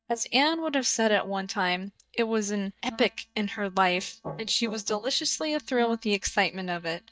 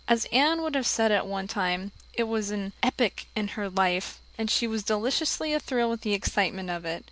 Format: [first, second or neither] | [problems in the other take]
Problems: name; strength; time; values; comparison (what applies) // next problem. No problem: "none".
second | noise reduction (neural mask model DeepFilterNet 3)